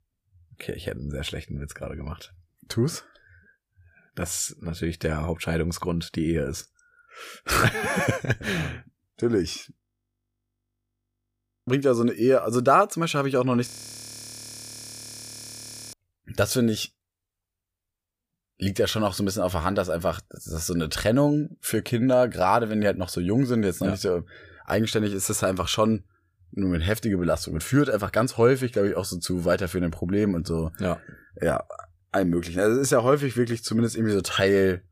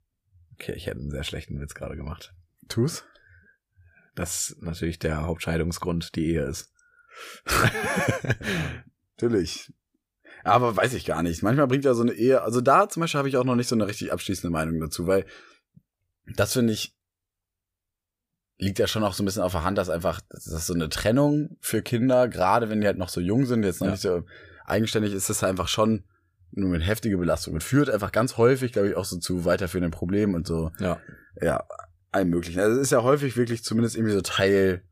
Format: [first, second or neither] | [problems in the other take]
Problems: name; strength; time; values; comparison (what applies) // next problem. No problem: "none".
second | audio freezing; at 10 s for 2 s and at 14 s for 2.5 s